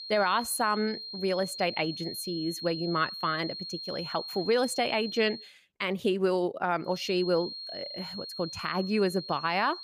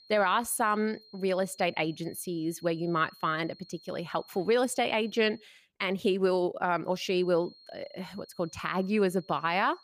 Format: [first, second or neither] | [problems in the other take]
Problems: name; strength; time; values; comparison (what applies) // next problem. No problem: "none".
second | high-pitched whine; loud; until 5.5 s and from 7 s on; 4 kHz, 8 dB below the speech; faint in the second